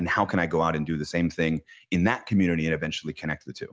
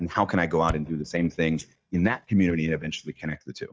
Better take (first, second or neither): first